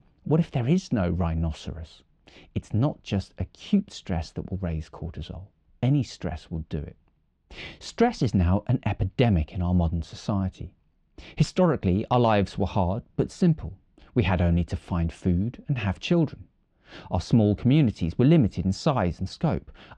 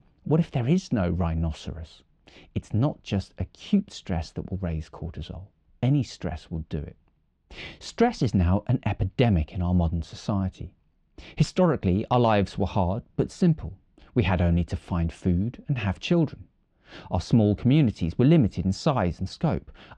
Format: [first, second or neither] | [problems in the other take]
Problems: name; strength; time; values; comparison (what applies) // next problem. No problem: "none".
neither | muffled; very; fading above 3.5 kHz; the same in both